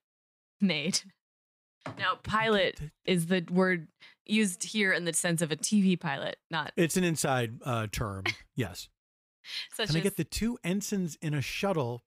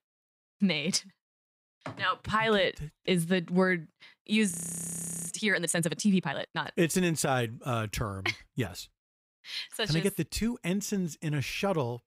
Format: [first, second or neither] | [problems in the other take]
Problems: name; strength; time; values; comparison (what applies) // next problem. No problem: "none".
first | audio freezing; at 4.5 s for 1 s